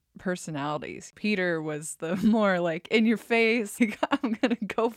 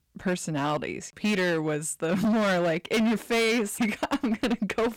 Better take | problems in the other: first | distortion; heavy; 19% of the sound clipped

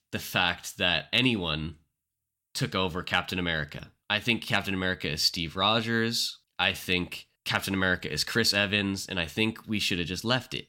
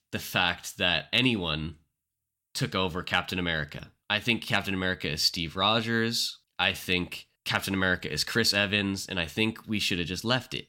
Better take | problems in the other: neither | none

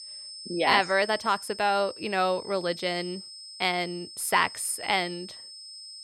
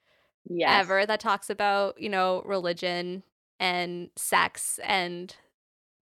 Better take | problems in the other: second | high-pitched whine; noticeable; throughout; 5 kHz, 15 dB below the speech

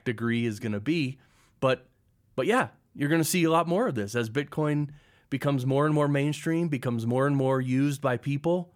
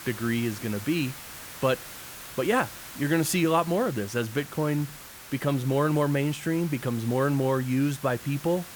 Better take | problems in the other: first | hiss; noticeable; throughout; 15 dB below the speech

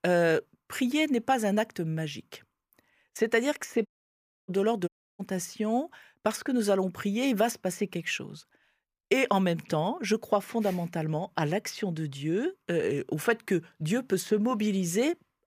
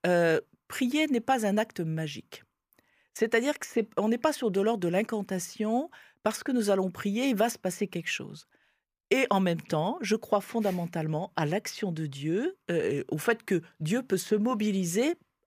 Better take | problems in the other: second | audio cutting out; at 4 s for 0.5 s and at 5 s

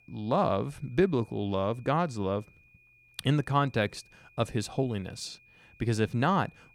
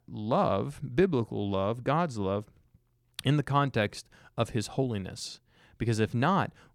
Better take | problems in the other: second | high-pitched whine; faint; throughout; 2.5 kHz, 30 dB below the speech

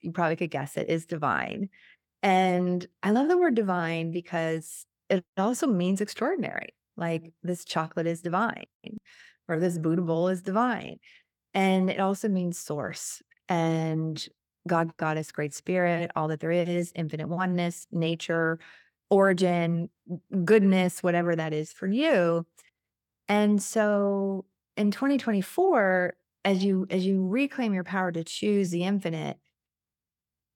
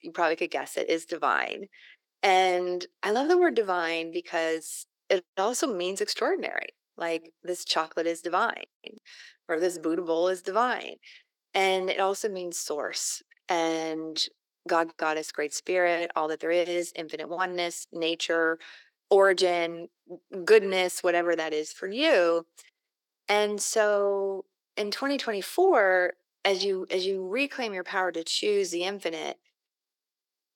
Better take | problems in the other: first | thin; very; fading below 350 Hz

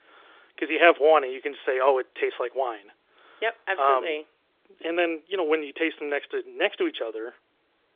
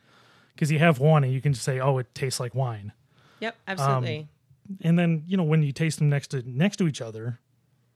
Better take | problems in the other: second | phone-call audio; nothing above 3.5 kHz

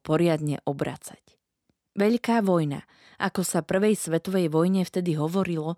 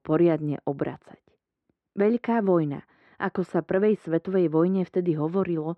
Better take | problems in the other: first | muffled; very; fading above 1.5 kHz

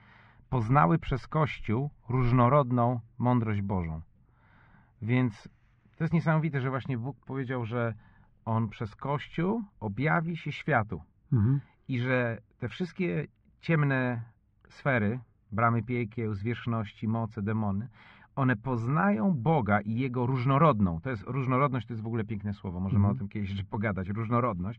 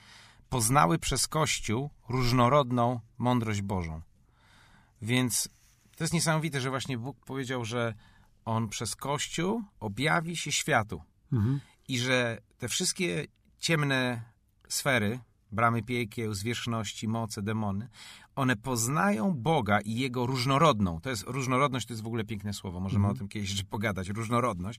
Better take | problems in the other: second | muffled; very; fading above 2 kHz

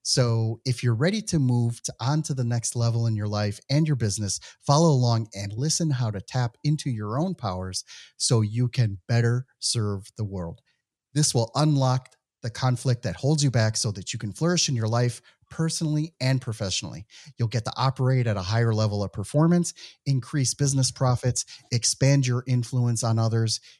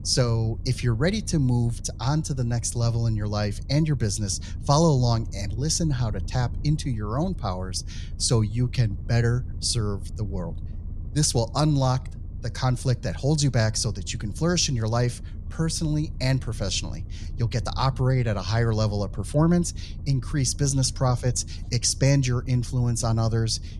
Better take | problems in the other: first | low rumble; faint; throughout; 20 dB below the speech

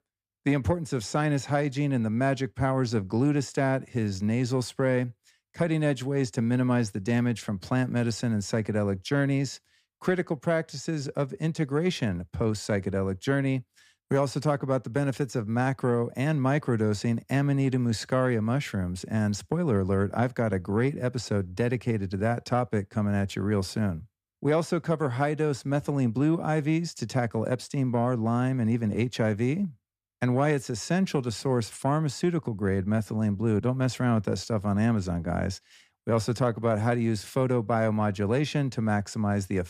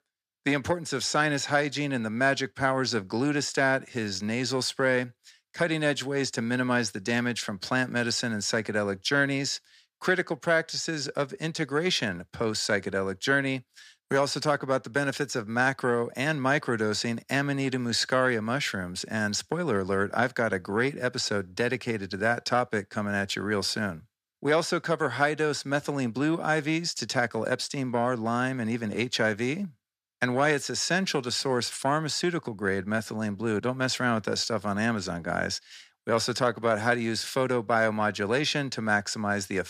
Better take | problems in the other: first | thin; somewhat; fading below 750 Hz

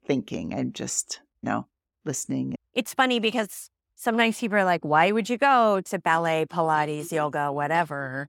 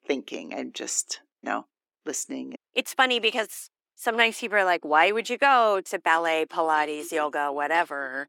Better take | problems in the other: first | thin; somewhat; fading below 300 Hz

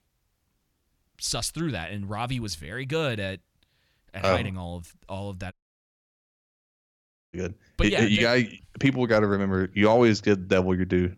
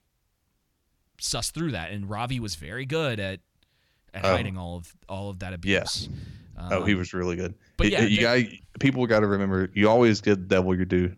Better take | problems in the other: second | audio cutting out; at 5.5 s for 2 s

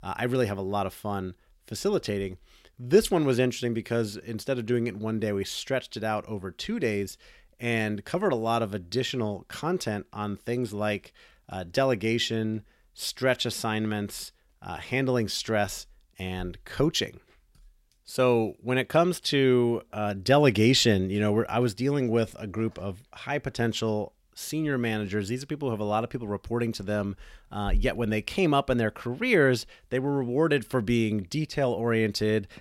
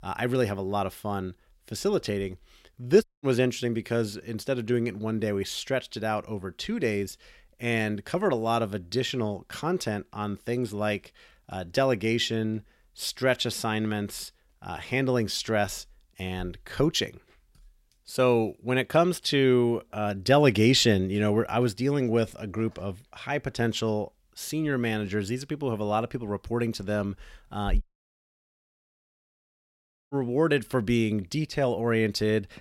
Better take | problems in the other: first | audio cutting out; at 3 s and at 28 s for 2.5 s

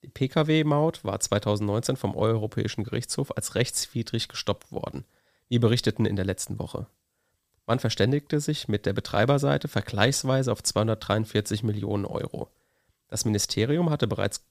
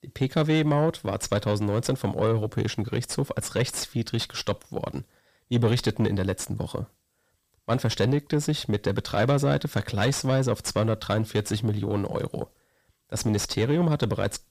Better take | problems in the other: first | distortion; slight; 10 dB below the speech

